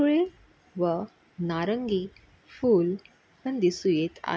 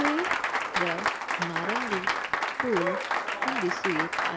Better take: first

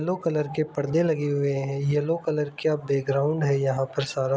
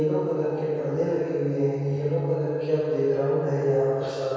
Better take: first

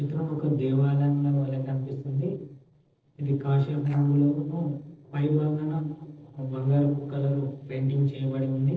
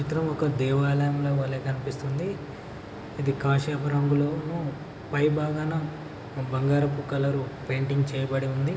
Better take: second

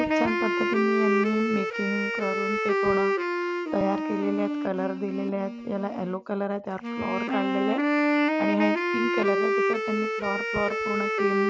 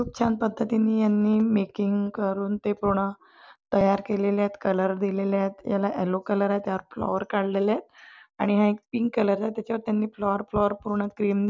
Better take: second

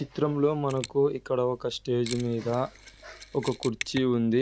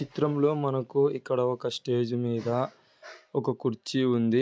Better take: second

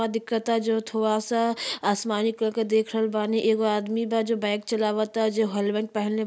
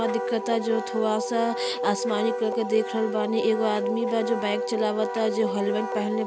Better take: first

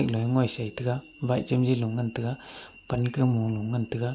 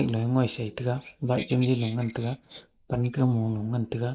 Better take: first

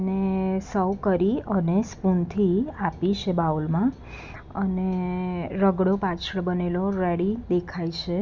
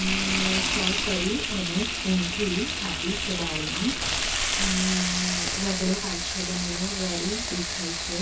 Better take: first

